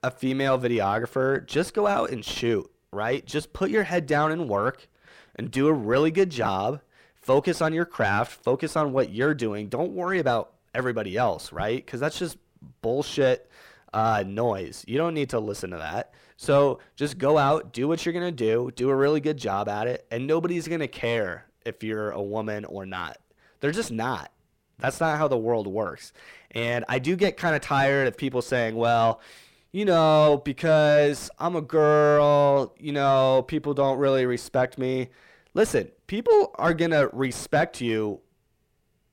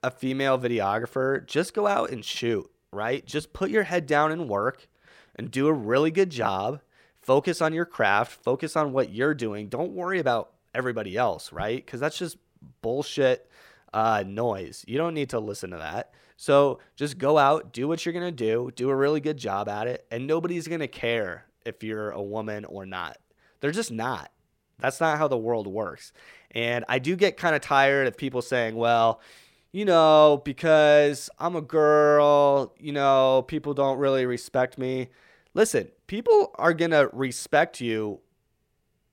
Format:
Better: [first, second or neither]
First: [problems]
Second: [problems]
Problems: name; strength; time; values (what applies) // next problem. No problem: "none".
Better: second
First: distortion; slight; 10 dB below the speech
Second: none